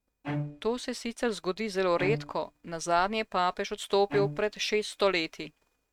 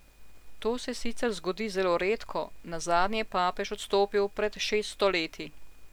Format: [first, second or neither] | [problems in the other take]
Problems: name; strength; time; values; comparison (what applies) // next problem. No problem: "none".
second | noise reduction (neural mask model RNNoise)